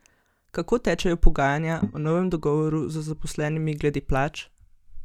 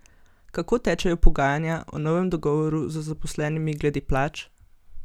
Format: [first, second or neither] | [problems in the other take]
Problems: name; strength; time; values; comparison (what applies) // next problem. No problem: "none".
second | noise reduction (neural mask model DeepFilterNet 3)